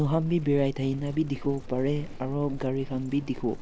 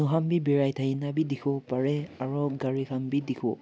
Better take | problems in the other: second | background sound (Livestock, farm animals, working animals); 11 dB below the speech

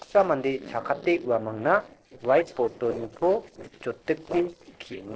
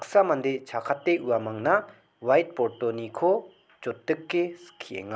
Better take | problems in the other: second | noise reduction (neural separator model SepFormer DNS4)

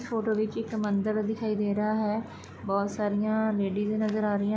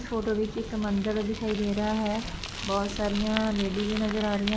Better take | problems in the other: first | background sound (Bicycle); 9 dB below the speech

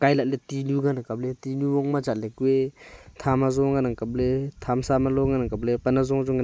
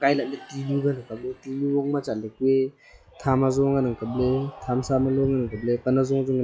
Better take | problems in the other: first | noise reduction (classical method log-MMSE)

